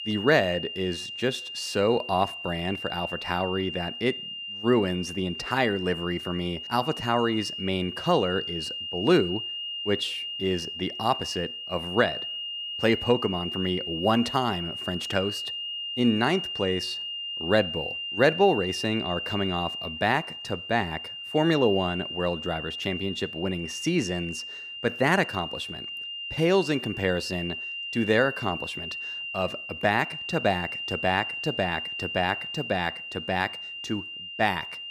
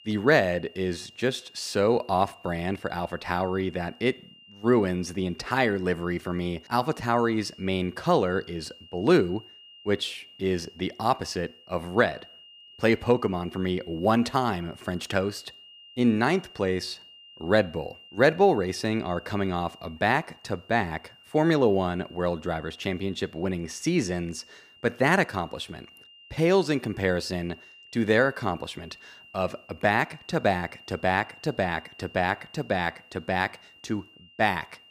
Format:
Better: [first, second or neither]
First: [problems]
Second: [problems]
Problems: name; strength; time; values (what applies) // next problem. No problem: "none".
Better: second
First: high-pitched whine; loud; throughout; 3 kHz, 5 dB below the speech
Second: high-pitched whine; faint; throughout; 3 kHz, 25 dB below the speech